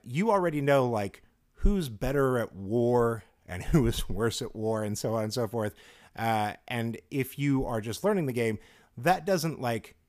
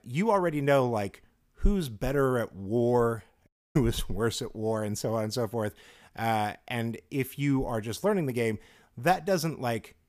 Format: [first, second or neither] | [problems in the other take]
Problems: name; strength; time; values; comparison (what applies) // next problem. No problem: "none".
first | audio cutting out; at 3.5 s